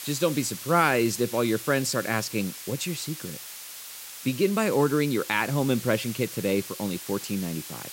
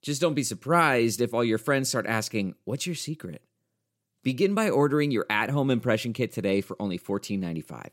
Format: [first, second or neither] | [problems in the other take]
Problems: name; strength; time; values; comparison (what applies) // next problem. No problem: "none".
second | hiss; noticeable; throughout; 10 dB below the speech